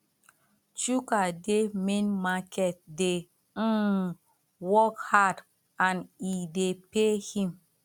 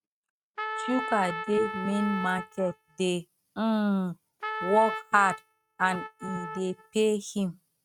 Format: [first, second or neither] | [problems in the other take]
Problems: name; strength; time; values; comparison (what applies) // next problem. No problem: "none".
first | noise reduction (neural mask model RNNoise)